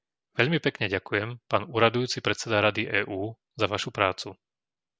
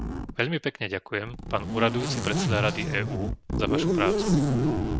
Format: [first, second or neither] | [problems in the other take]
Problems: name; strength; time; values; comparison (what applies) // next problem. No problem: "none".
first | background sound (Zipper (clothing)); 3 dB above the speech